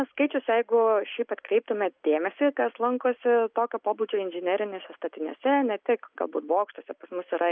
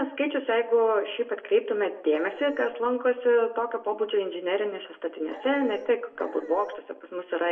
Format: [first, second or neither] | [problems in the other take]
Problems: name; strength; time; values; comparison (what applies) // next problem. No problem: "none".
first | background sound (Dog); 15 dB below the speech // room echo; dies away in 0.7 s